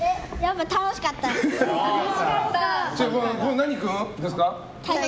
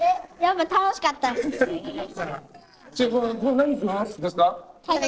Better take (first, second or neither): first